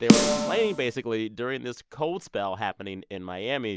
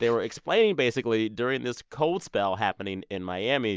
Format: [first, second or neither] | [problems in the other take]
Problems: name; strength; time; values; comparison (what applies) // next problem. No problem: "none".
second | background sound (Snare drum); 4 dB above the speech